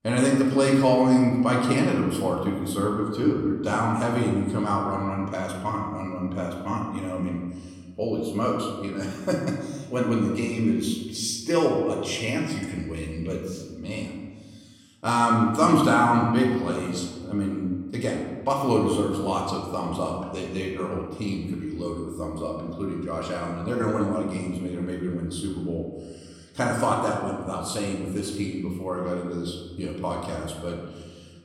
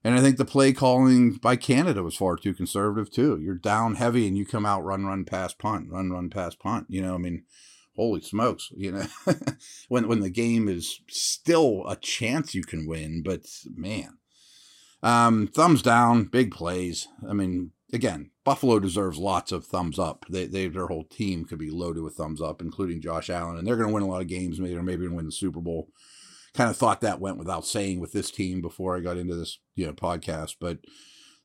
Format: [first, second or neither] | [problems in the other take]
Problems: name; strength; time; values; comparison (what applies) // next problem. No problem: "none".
second | room echo; noticeable; dies away in 1.3 s // off-mic speech; somewhat distant